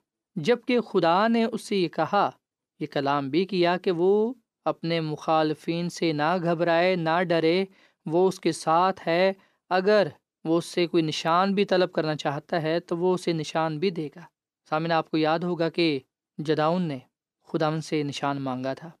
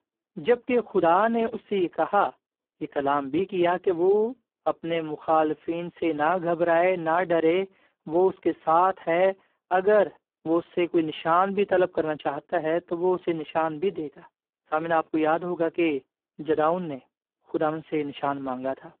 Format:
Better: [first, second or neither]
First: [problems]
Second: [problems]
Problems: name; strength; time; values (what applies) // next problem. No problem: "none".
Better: first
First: none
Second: phone-call audio; poor line